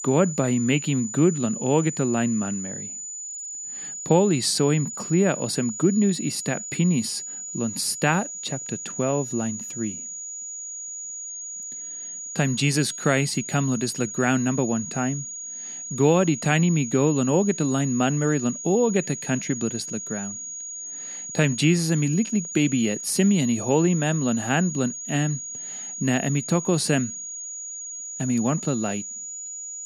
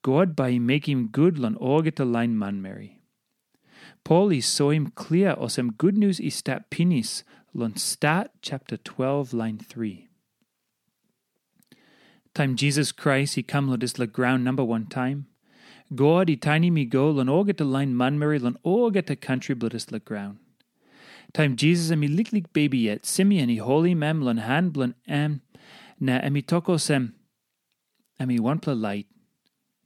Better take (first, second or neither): second